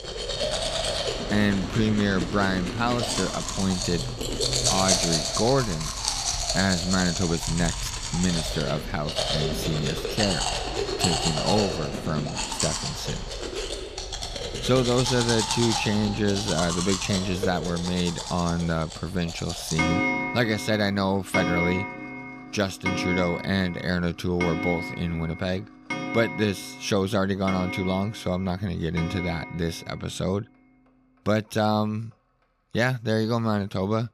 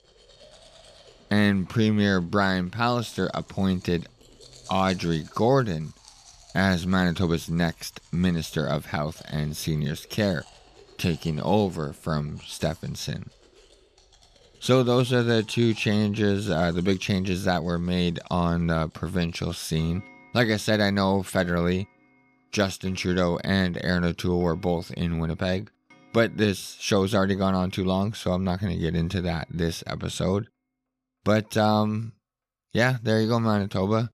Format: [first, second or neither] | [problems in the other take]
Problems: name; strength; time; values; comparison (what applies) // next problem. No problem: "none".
second | household noises; loud; throughout; 1 dB below the speech; faint in the second